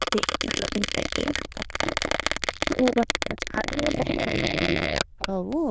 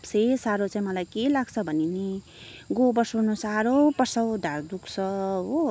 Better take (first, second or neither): second